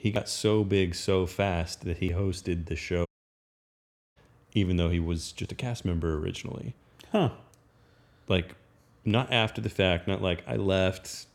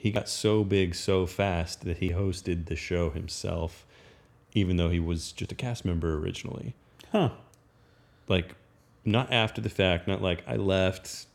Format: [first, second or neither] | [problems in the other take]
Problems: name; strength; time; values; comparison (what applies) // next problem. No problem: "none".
second | audio cutting out; at 3 s for 1 s